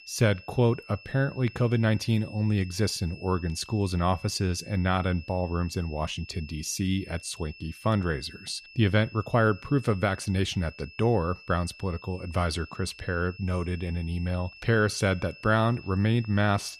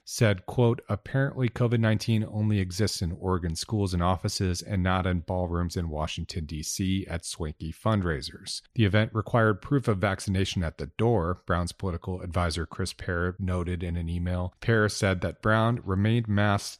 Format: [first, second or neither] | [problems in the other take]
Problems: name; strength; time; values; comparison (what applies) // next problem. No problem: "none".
second | high-pitched whine; noticeable; throughout; 2.5 kHz, 20 dB below the speech